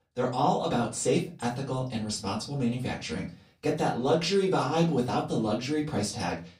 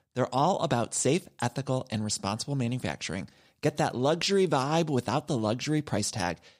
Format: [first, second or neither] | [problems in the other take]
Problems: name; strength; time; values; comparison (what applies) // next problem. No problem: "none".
second | off-mic speech; far // room echo; very slight; dies away in 0.3 s